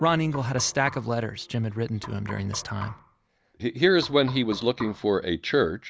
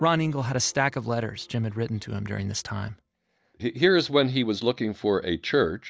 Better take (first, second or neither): second